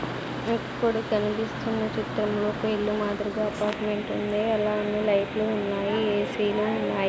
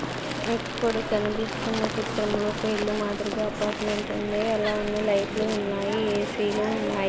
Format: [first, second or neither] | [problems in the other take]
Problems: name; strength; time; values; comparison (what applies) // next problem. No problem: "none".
first | background sound (Crumpling, crinkling + Crowd); 8 dB below the speech